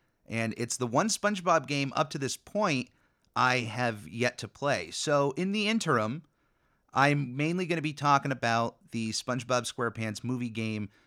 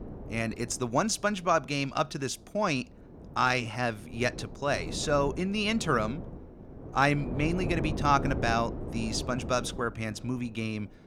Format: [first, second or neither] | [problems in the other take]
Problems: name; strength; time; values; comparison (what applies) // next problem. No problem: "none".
first | wind noise on the microphone; occasional gusts; 15 dB below the speech